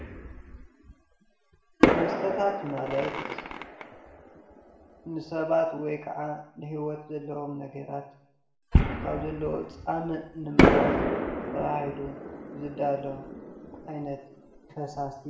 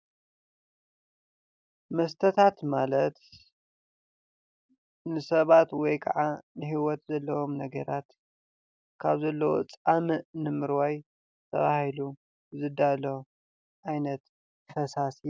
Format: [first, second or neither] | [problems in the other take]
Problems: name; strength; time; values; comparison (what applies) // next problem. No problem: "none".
second | background sound (Fireworks); 3 dB above the speech // room echo; dies away in 0.6 s